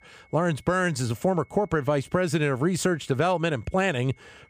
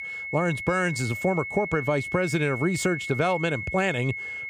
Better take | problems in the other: first | high-pitched whine; loud; throughout; 2 kHz, 6 dB below the speech; faint in the first

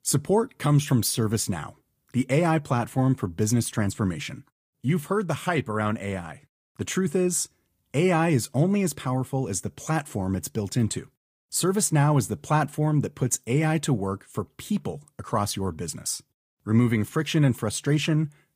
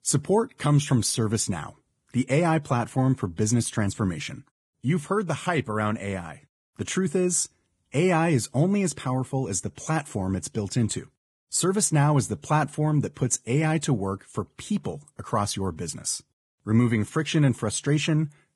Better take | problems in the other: first | garbled, watery; badly; nothing above 10.5 kHz; slightly in the first

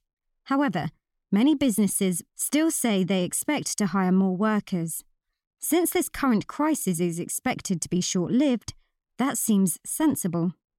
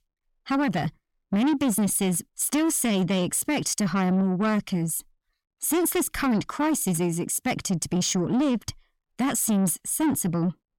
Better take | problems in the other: first | distortion; slight; 10 dB below the speech

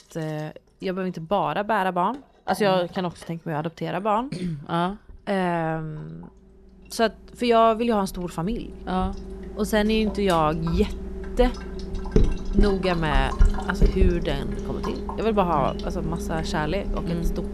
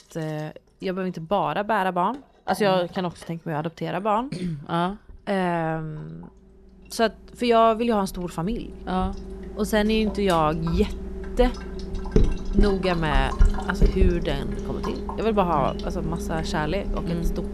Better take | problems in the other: neither | household noises; loud; throughout; 5 dB below the speech; the same in both

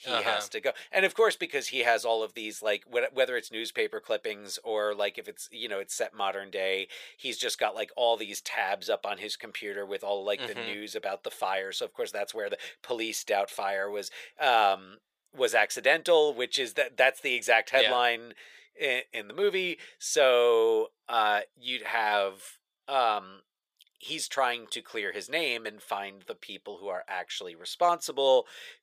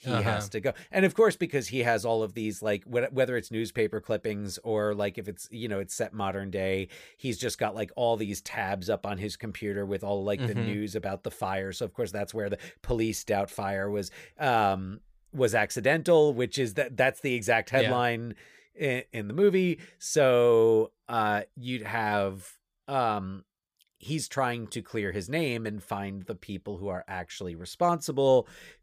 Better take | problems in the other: second | thin; very; fading below 600 Hz

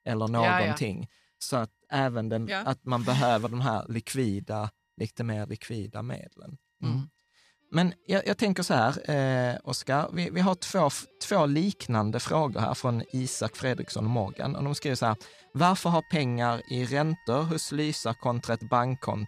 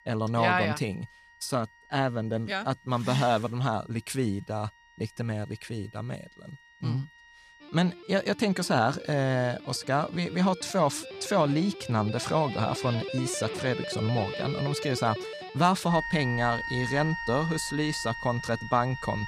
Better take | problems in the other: first | background music; loud; throughout; 8 dB below the speech; faint in the first

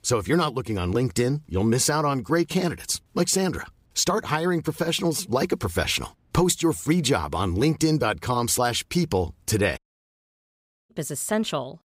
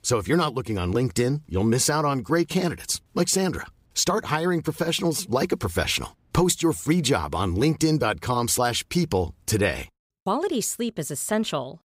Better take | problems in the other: second | audio cutting out; at 10 s for 1 s

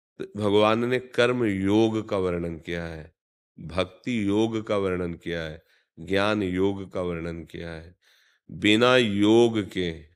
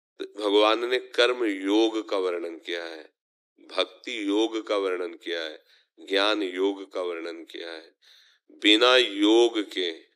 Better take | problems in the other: first | thin; somewhat; fading below 300 Hz

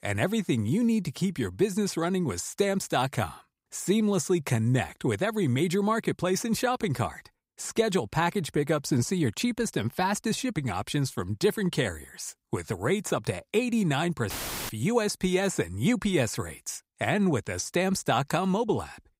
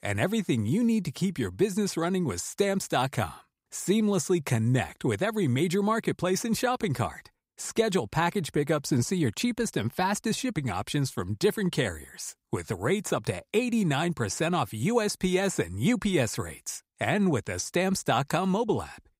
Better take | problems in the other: second | audio cutting out; filled with static; at 14 s

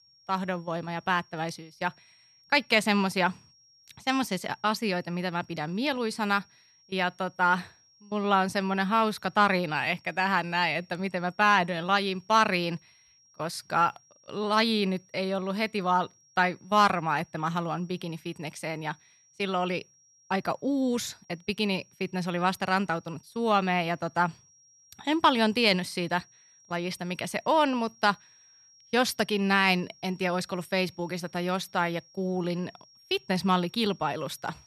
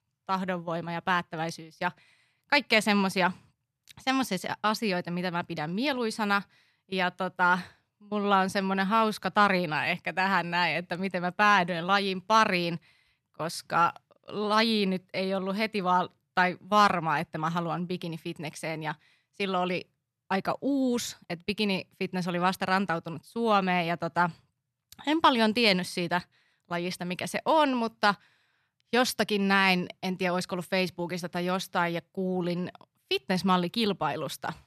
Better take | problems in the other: second | high-pitched whine; faint; throughout; 5.5 kHz, 30 dB below the speech

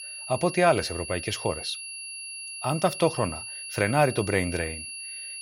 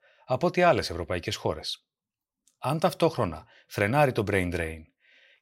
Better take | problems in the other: second | high-pitched whine; loud; throughout; 2.5 kHz, 9 dB below the speech

